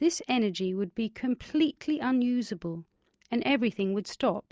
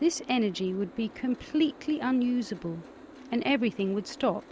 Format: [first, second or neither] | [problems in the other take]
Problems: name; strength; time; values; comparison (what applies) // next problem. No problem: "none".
first | background sound (Boat, Water vehicle); 19 dB below the speech